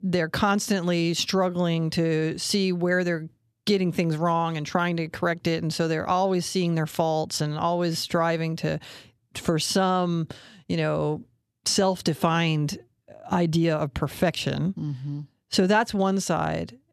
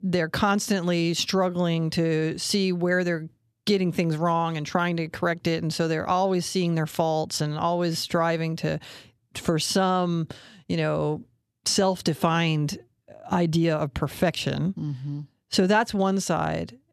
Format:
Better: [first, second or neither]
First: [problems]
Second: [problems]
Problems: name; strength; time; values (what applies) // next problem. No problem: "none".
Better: neither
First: none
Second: none